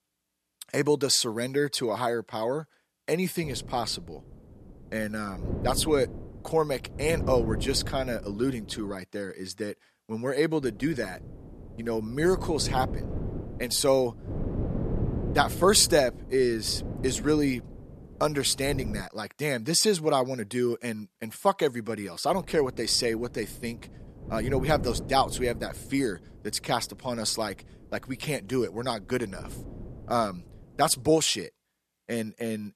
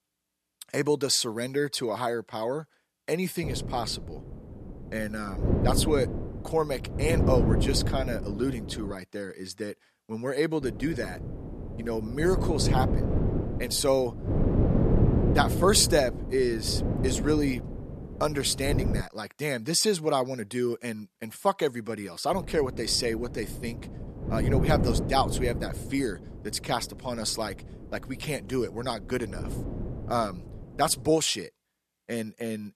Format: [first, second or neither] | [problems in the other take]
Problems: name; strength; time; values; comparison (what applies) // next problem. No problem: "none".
first | wind noise on the microphone; heavy; from 3.5 to 9 s, from 11 to 19 s and from 22 to 31 s; 8 dB below the speech; occasional gusts in the first